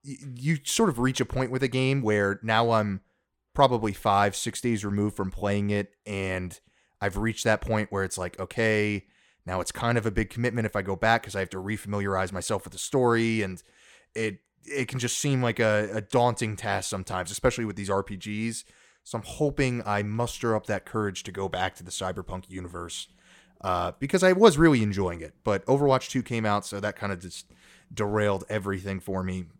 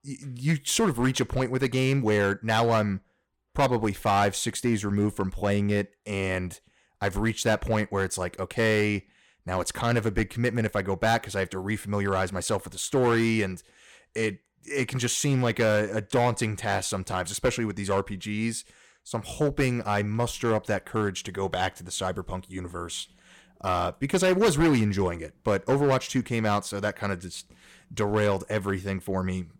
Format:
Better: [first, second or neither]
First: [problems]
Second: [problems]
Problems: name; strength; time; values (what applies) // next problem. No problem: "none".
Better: first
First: none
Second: distortion; slight; 4% of the sound clipped